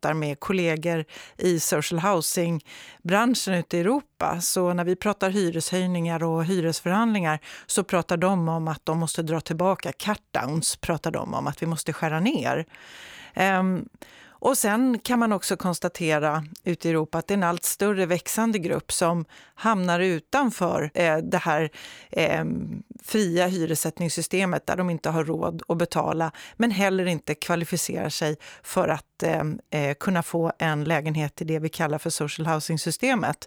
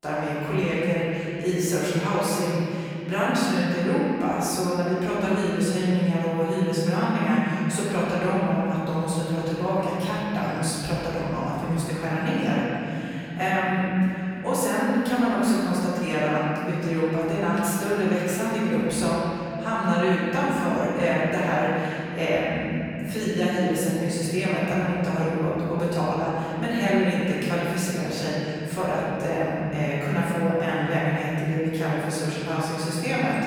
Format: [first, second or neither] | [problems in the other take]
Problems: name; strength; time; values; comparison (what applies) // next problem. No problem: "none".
first | room echo; strong; dies away in 3 s // off-mic speech; far